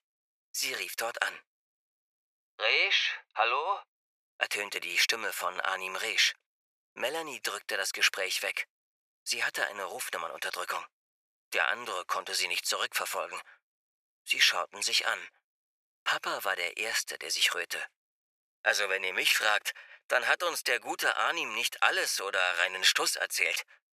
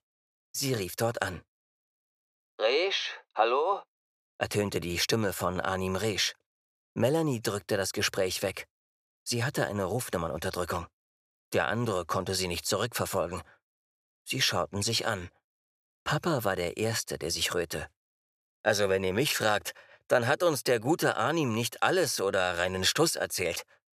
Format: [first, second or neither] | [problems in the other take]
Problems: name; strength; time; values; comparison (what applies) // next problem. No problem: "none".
second | thin; very; fading below 750 Hz